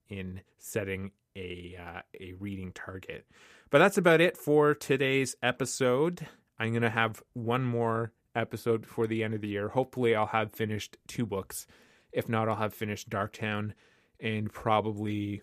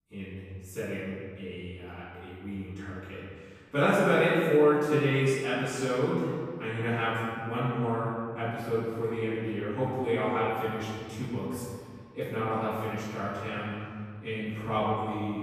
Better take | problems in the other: first | off-mic speech; far // room echo; strong; dies away in 1.9 s

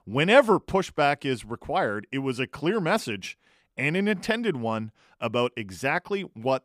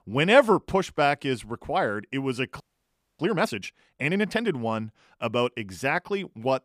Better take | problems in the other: first | audio freezing; at 2.5 s for 0.5 s

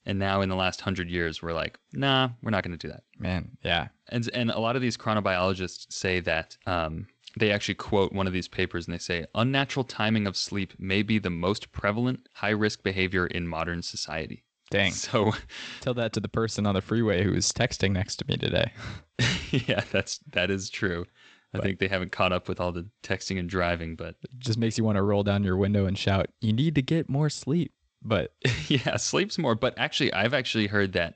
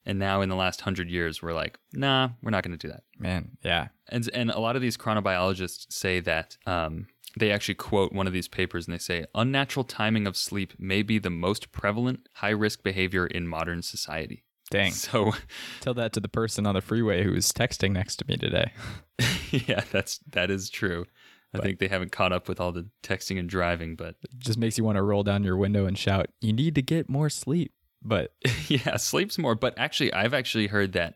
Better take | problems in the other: second | garbled, watery; slightly; nothing above 7.5 kHz

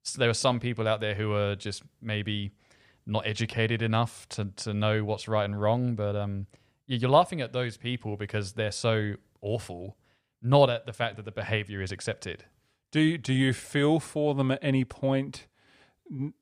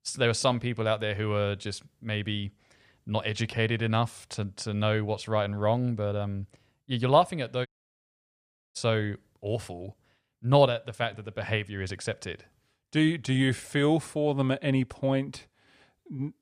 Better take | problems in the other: first | audio cutting out; at 7.5 s for 1 s

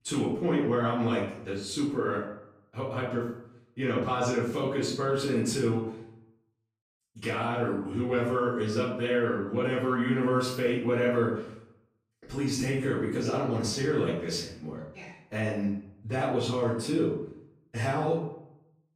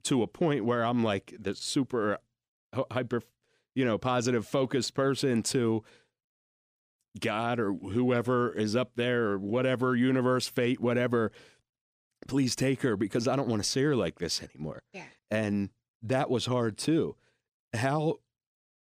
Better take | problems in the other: second | off-mic speech; far // room echo; noticeable; dies away in 0.6 s

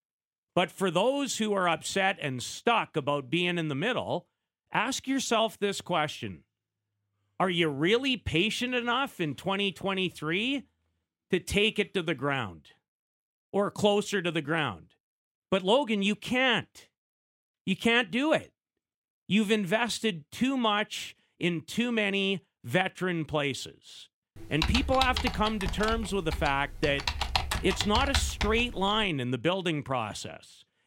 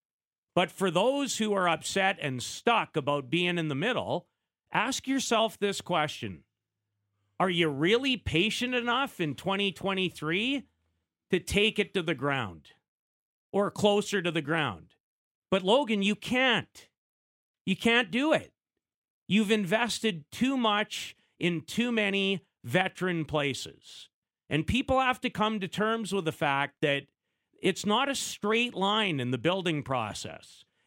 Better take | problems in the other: second | keyboard typing; noticeable; from 24 to 29 s; peak 1 dB below the speech

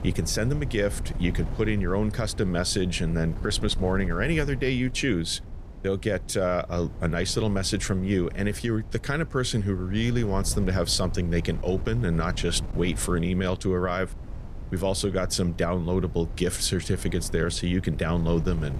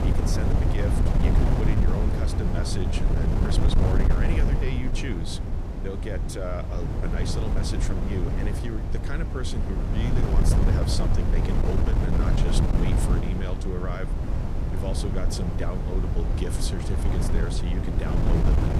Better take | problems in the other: first | wind noise on the microphone; heavy; 1 dB above the speech; occasional gusts in the first

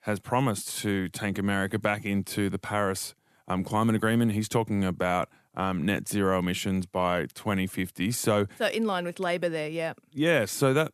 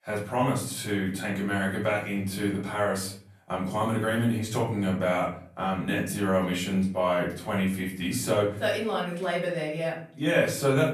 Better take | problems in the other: first | room echo; slight; dies away in 0.4 s // off-mic speech; far

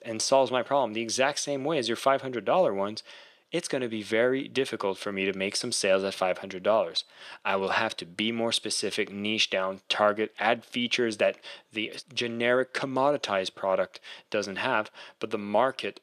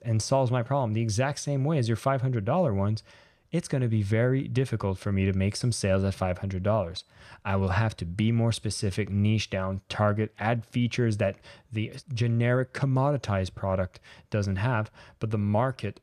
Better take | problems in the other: second | thin; somewhat; fading below 300 Hz

